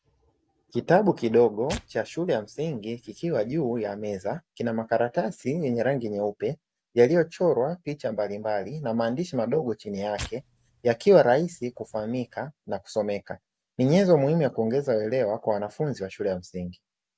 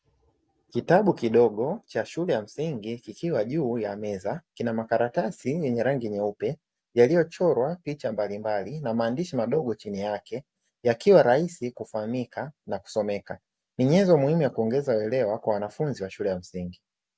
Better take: second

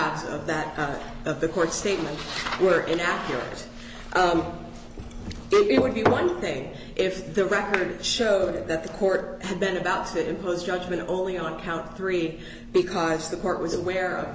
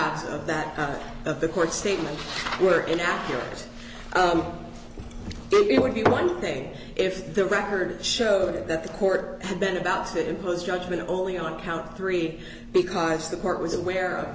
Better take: second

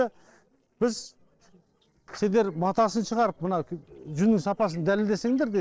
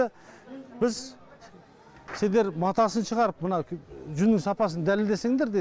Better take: second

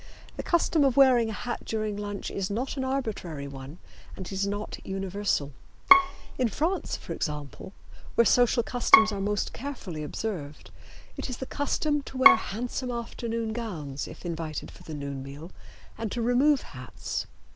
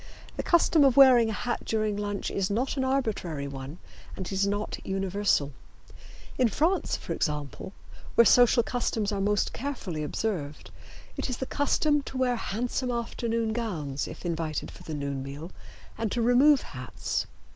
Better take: second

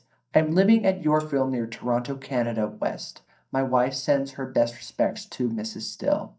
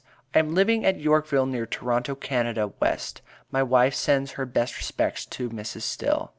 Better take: second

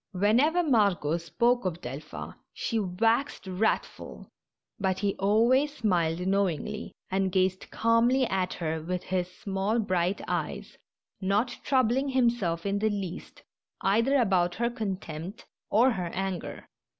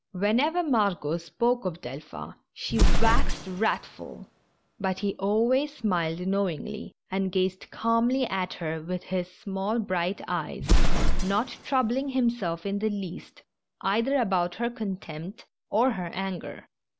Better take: first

